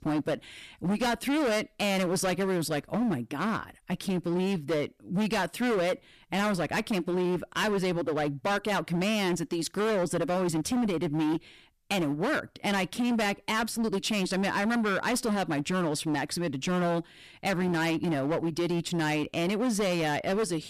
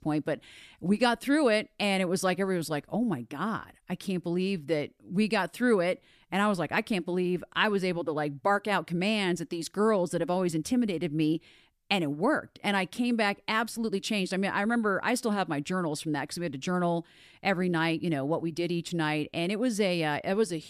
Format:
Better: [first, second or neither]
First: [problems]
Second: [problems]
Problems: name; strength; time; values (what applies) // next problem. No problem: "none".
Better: second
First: distortion; heavy; 22% of the sound clipped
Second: none